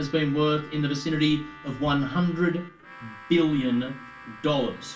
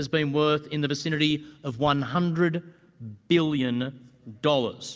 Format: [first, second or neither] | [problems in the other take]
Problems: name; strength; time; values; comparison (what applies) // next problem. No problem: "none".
second | background sound (Harmonica); 19 dB below the speech // room echo; dies away in 0.2 s